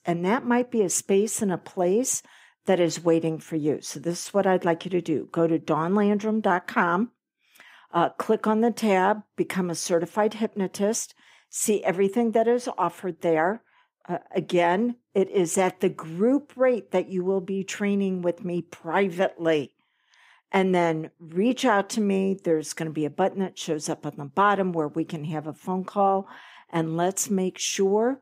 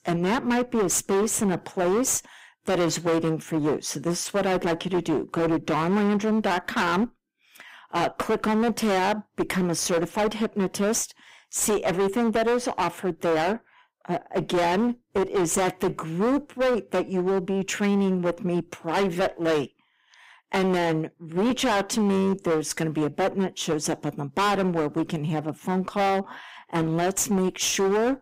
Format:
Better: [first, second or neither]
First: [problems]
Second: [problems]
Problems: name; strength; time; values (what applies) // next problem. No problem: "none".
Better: first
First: none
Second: distortion; heavy; 21% of the sound clipped